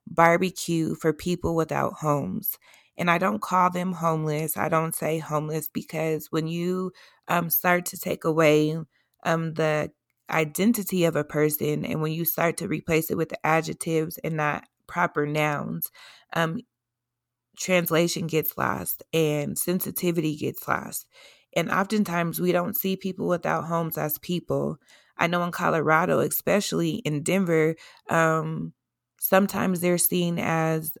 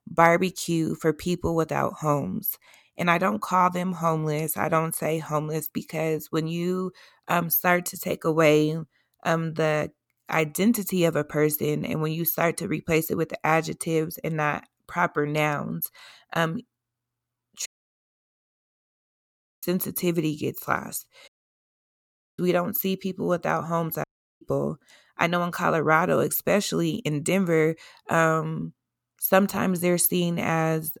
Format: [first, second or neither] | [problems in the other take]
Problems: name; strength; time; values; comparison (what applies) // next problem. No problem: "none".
first | audio cutting out; at 18 s for 2 s, at 21 s for 1 s and at 24 s